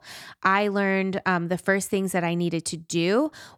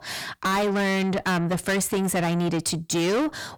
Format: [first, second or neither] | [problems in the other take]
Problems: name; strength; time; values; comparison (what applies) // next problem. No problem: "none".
first | distortion; heavy; 6 dB below the speech